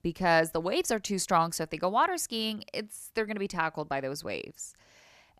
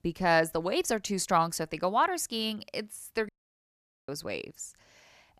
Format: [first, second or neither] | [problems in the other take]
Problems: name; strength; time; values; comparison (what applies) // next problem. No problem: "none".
first | audio cutting out; at 3.5 s for 1 s